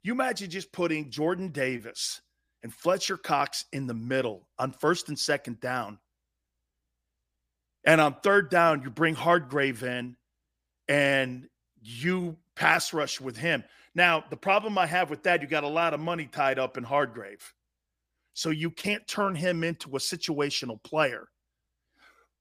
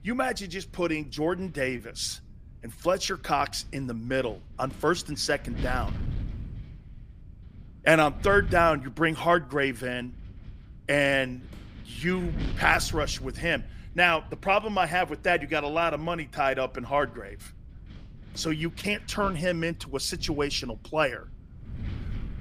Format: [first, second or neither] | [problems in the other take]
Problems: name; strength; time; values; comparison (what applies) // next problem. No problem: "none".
first | wind noise on the microphone; occasional gusts; 25 dB below the speech